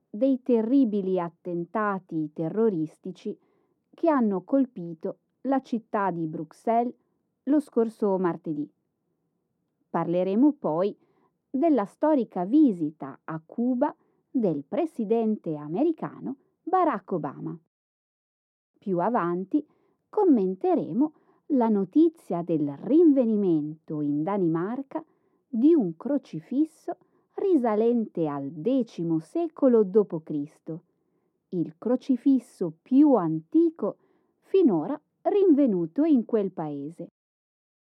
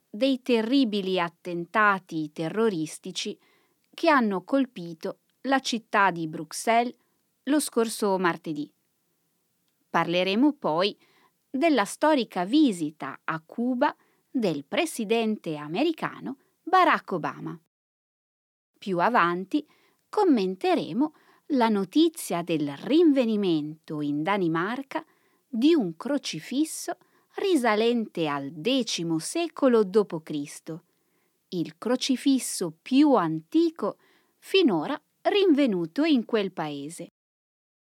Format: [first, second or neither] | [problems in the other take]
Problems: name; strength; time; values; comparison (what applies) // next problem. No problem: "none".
second | muffled; very; fading above 1.5 kHz